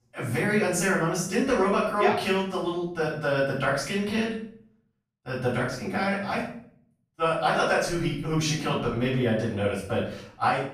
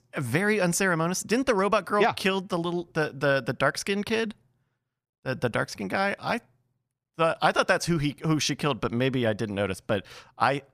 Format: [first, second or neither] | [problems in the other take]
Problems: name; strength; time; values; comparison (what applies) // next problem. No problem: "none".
second | off-mic speech; far // room echo; noticeable; dies away in 0.5 s